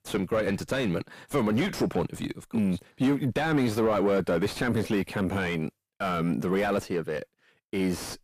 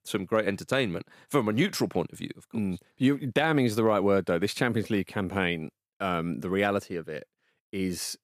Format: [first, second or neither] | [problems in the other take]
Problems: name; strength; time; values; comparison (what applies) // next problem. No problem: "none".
second | distortion; heavy; 6 dB below the speech